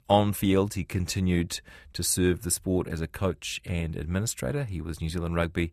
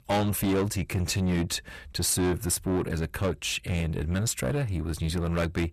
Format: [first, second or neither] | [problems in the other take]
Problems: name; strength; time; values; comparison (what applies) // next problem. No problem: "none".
first | distortion; heavy; 7 dB below the speech